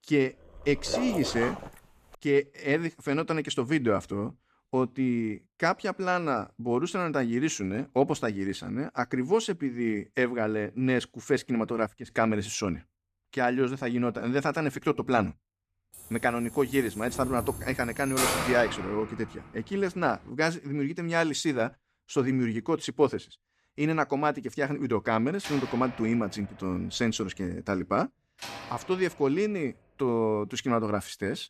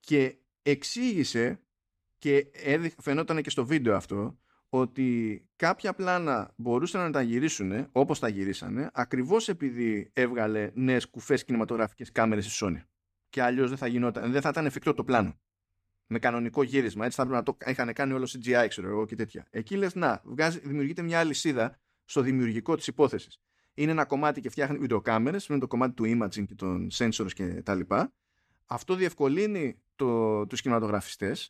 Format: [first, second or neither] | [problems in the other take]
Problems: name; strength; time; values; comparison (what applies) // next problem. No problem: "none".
second | dog barking; noticeable; at 0.5 s; peak 3 dB below the speech // jangling keys; loud; from 16 to 19 s; peak 3 dB above the speech // door banging; noticeable; from 25 to 29 s; peak 9 dB below the speech